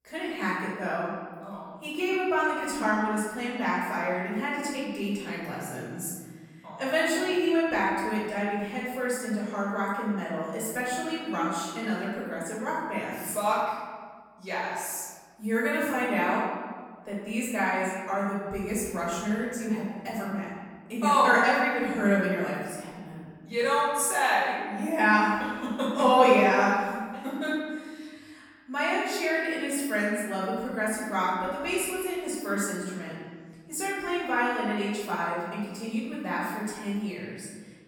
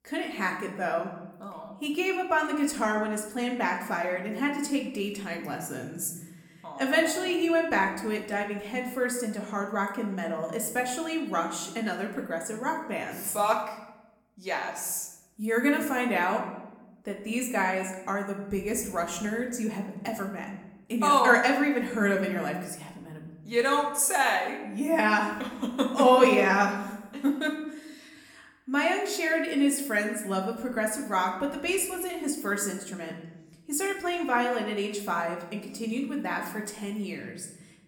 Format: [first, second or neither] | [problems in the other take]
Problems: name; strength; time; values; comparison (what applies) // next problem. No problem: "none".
second | room echo; strong; dies away in 1.5 s; slight in the second // off-mic speech; far; somewhat distant in the second